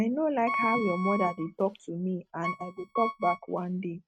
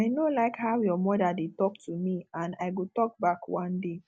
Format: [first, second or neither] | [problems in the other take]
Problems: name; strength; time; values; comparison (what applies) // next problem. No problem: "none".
second | noise reduction (neural mask model RNNoise)